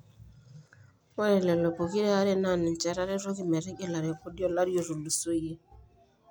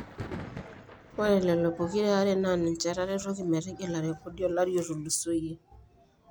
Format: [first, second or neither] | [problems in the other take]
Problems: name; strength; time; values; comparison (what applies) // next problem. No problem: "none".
first | background sound (Thunder); 17 dB below the speech